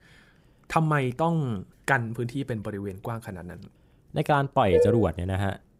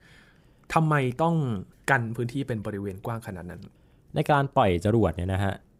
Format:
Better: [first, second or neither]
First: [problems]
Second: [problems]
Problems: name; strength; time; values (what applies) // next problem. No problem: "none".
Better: second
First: clattering dishes; loud; at 4.5 s; peak 4 dB above the speech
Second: none